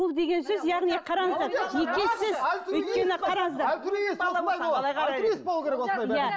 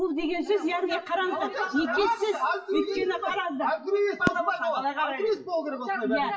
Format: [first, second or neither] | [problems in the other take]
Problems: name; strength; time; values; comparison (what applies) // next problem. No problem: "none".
first | noise reduction (classical method WPE with log-MMSE)